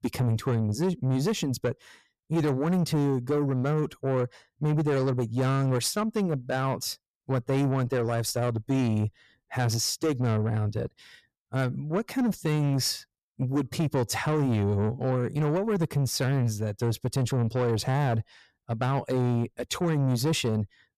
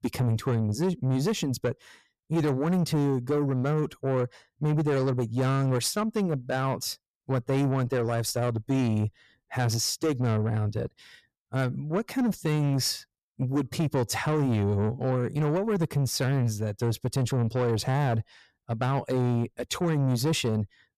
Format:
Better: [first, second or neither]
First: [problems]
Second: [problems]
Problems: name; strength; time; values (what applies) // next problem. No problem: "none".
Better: neither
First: distortion; slight; 10 dB below the speech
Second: distortion; slight; 10 dB below the speech